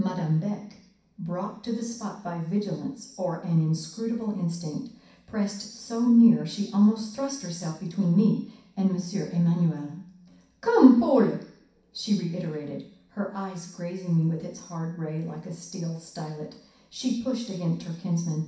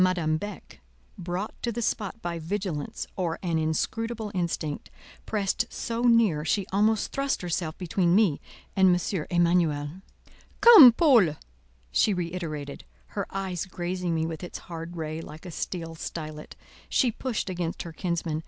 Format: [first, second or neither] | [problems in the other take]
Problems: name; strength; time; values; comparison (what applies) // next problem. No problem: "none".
second | room echo; dies away in 0.6 s